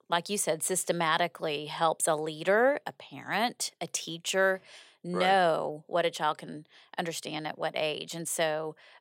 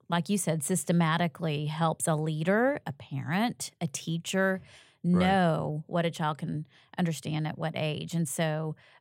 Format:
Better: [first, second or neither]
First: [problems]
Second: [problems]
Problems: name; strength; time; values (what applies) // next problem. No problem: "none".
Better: second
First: thin; somewhat; fading below 450 Hz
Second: none